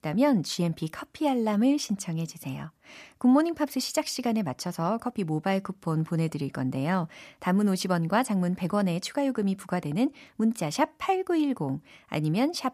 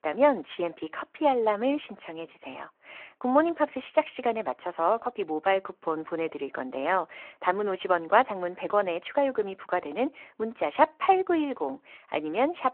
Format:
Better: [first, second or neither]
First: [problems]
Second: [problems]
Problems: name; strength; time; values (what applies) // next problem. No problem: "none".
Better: first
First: none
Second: phone-call audio